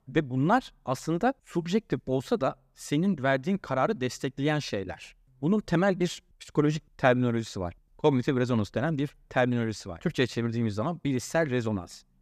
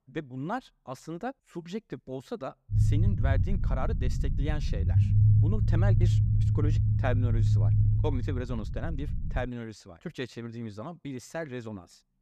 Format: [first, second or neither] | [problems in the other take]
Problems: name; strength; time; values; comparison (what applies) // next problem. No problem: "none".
first | low rumble; loud; from 2.5 to 9.5 s; 2 dB below the speech